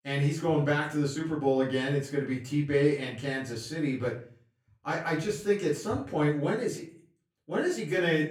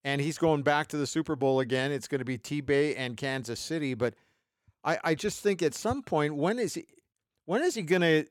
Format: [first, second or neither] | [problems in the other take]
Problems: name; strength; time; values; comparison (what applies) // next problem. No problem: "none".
second | off-mic speech; far // room echo; slight; dies away in 0.4 s